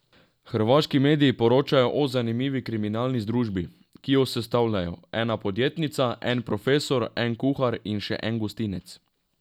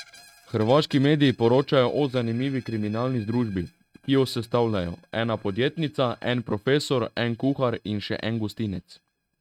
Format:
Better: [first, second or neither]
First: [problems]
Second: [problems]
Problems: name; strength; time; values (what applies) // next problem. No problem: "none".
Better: first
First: none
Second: noise reduction (neural mask model RNNoise)